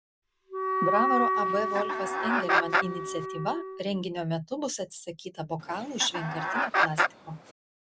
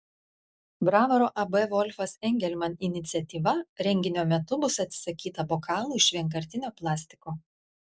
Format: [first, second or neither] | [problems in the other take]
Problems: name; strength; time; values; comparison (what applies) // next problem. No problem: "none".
second | background sound (Chicken, rooster + Wind instrument, woodwind instrument); 4 dB above the speech